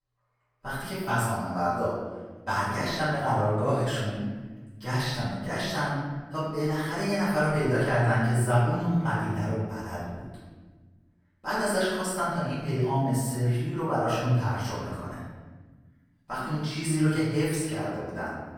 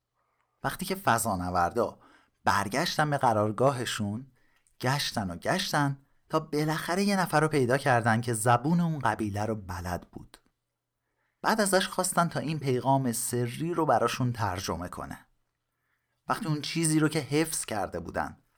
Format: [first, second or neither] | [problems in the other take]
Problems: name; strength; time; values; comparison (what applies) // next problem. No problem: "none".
second | off-mic speech; far // room echo; strong; dies away in 1.4 s